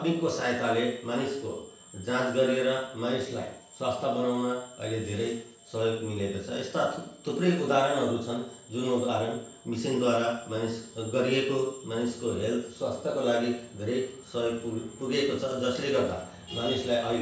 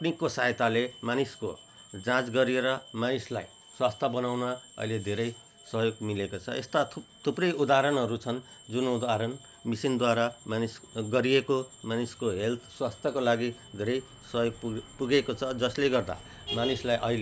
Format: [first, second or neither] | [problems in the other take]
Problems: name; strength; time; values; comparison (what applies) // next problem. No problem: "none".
second | room echo; dies away in 0.7 s